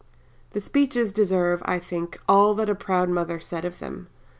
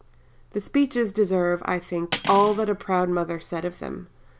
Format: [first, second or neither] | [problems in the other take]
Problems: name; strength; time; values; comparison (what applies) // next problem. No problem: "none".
first | background sound (Cutlery, silverware); 13 dB below the speech